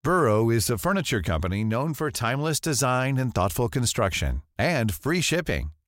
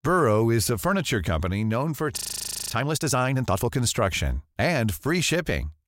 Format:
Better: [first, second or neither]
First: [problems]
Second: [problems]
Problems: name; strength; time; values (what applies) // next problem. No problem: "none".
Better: first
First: none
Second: audio freezing; at 2 s for 0.5 s